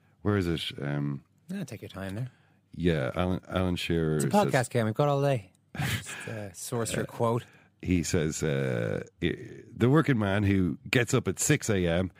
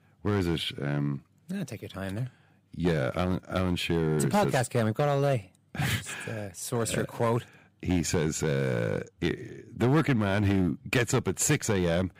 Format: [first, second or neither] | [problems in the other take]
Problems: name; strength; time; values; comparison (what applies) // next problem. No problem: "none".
first | distortion; slight; 4% of the sound clipped